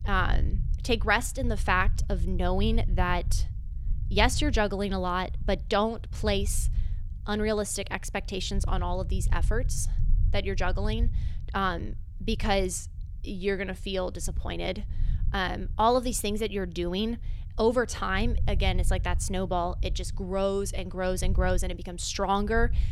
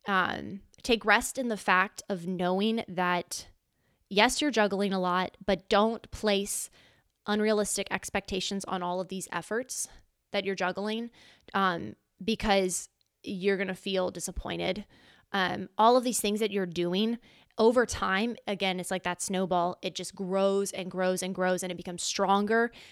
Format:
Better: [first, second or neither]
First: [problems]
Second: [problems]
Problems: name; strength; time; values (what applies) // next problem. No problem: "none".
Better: second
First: low rumble; faint; throughout; 20 dB below the speech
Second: none